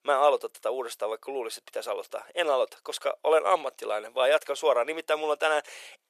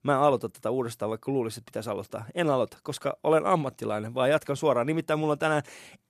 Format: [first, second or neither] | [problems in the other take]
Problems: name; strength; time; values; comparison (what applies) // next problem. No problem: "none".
second | thin; very; fading below 500 Hz